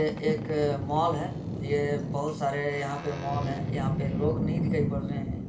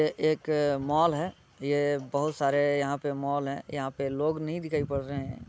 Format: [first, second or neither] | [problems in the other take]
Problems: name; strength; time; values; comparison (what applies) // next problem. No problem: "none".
second | background sound (Boat, Water vehicle); 1 dB below the speech // room echo; dies away in 0.4 s